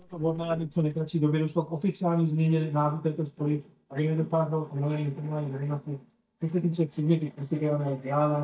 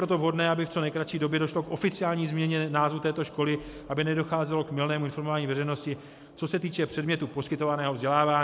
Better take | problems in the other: second | noise reduction (neural mask model DeepFilterNet 3)

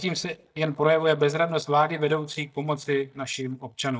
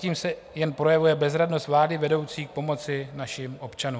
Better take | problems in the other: second | noise reduction (neural mask model DeepFilterNet 3)

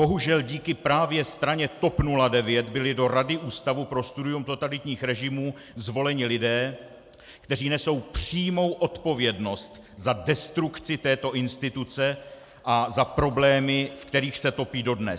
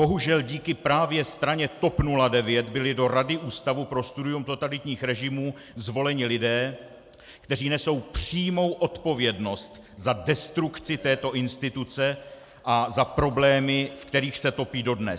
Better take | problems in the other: first | background sound (Burping, eructation); 20 dB below the speech

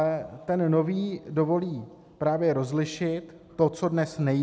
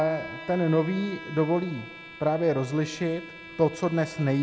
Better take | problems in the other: first | background sound (Bowed string instrument); 15 dB below the speech

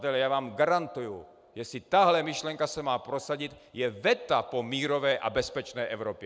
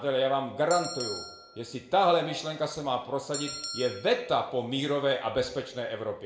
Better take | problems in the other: first | background sound (Bell); 13 dB below the speech // room echo; dies away in 0.5 s

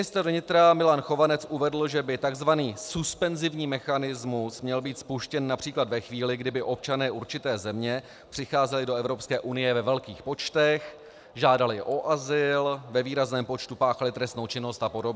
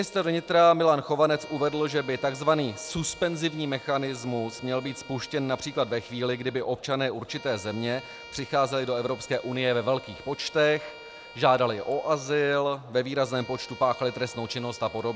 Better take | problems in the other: first | background sound (Bowed string instrument); 19 dB below the speech

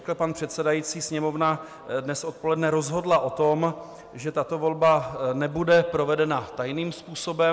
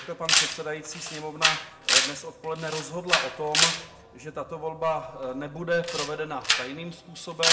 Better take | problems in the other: first | background sound (Camera); 4 dB above the speech // room echo; dies away in 0.8 s

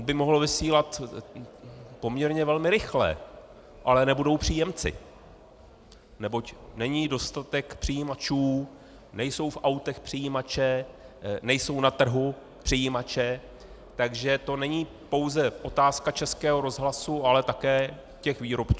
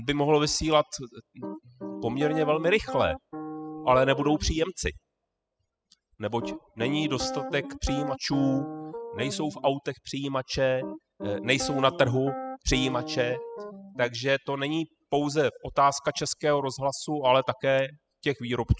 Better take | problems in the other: first | noise reduction (classical method spectral subtraction)

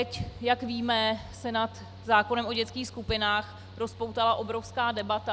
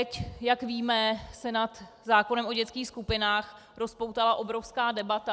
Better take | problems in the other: second | background sound (Mechanical fan); 16 dB below the speech

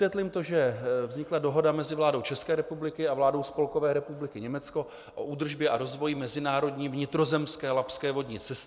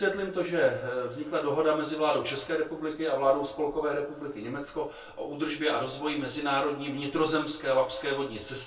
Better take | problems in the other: first | room echo; dies away in 0.2 s

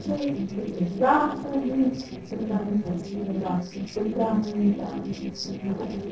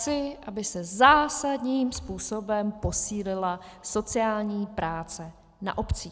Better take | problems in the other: second | noise reduction (neural separator model SepFormer DNS4)

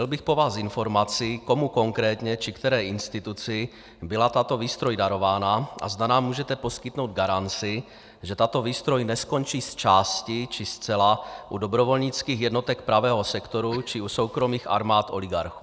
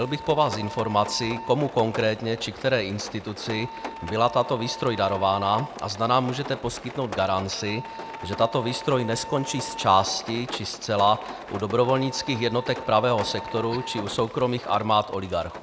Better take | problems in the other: first | background sound (Rain + Wind instrument, woodwind instrument); 12 dB below the speech

